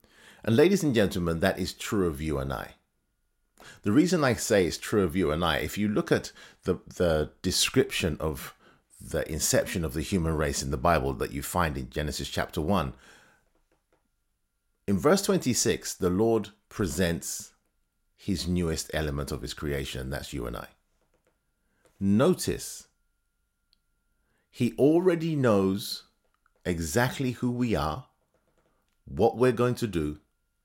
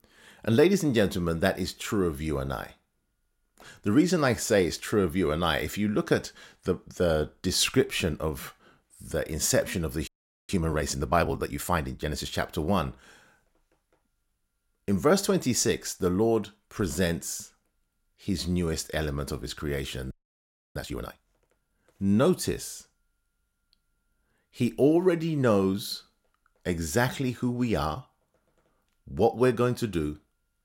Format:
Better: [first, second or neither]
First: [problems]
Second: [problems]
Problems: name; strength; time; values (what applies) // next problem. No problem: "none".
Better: first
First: none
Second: audio freezing; at 10 s and at 20 s for 0.5 s